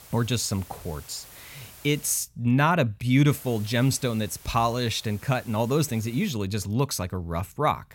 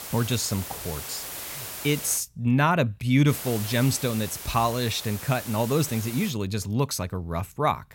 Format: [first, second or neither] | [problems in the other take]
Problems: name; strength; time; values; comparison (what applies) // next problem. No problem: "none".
first | hiss; loud; until 2 s and from 3.5 to 6.5 s; 9 dB below the speech; faint in the first